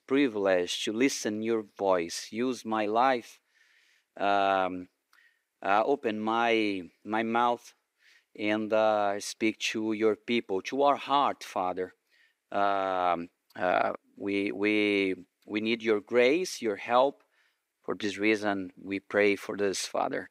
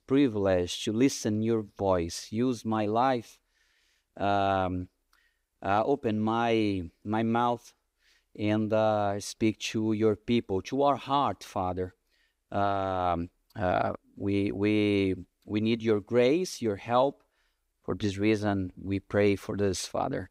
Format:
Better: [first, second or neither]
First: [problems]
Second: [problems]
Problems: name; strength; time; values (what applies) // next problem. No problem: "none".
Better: second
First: thin; very slightly; fading below 300 Hz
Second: none